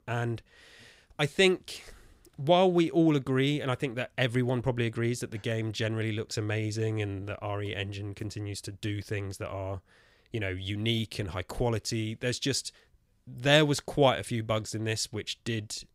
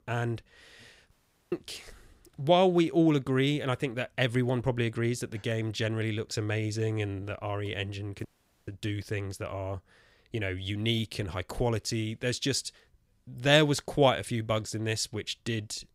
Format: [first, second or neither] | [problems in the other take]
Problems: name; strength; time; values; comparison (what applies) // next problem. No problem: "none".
first | audio cutting out; at 1 s and at 8.5 s